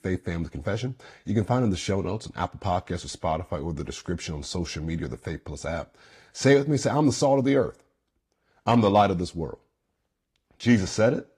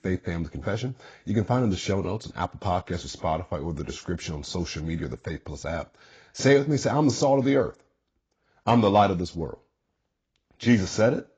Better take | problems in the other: first | garbled, watery; badly; nothing above 7.5 kHz; slightly in the first

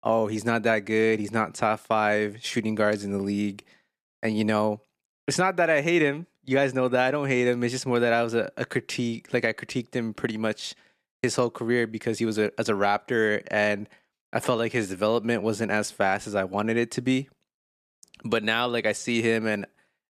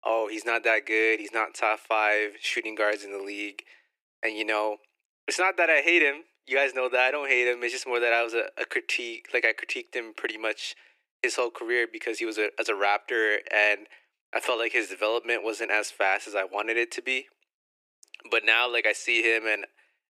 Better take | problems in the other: first | thin; very; fading below 350 Hz

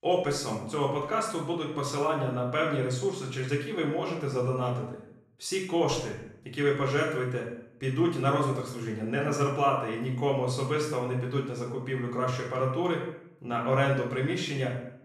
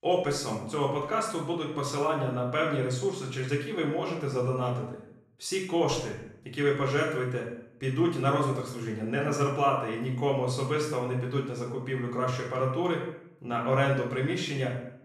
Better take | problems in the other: neither | room echo; noticeable; dies away in 0.6 s; the same in both // off-mic speech; far; the same in both

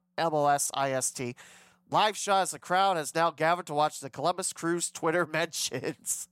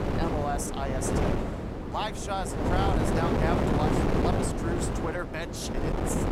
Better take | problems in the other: first | wind noise on the microphone; heavy; 2 dB above the speech

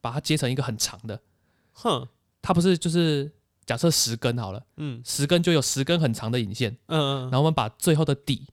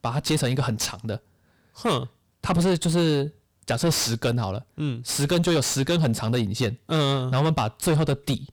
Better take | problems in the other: first | distortion; heavy; 6 dB below the speech

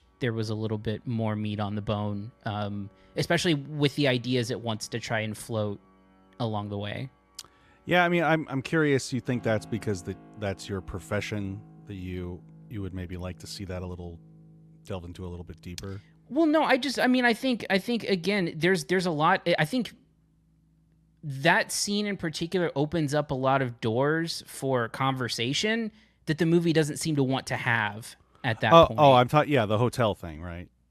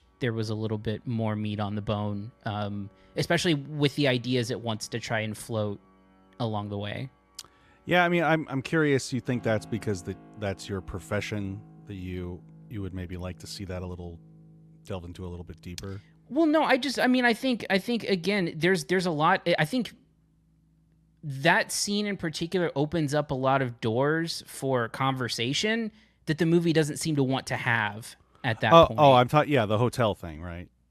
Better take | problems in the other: neither | background music; faint; until 23 s; 30 dB below the speech; the same in both

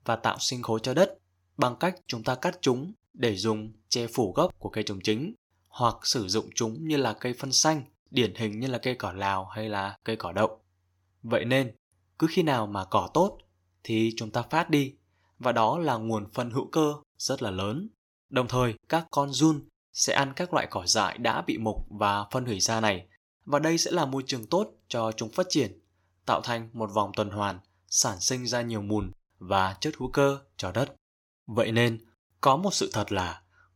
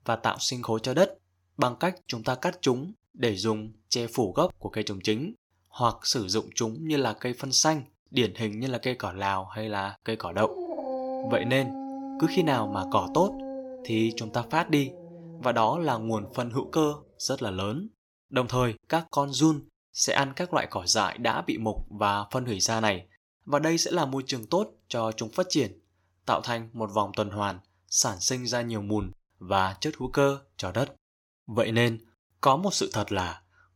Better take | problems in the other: first | dog barking; noticeable; from 10 to 17 s; peak 4 dB below the speech

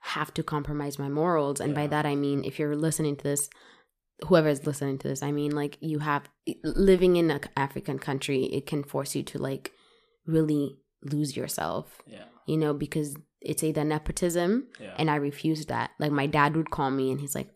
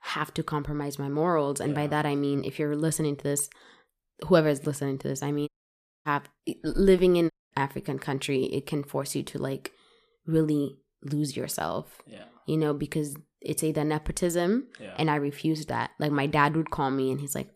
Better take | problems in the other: first | audio cutting out; at 5.5 s for 0.5 s and at 7.5 s

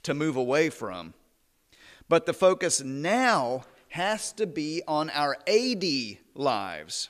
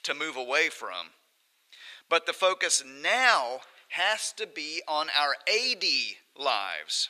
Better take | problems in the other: first | thin; very; fading below 700 Hz

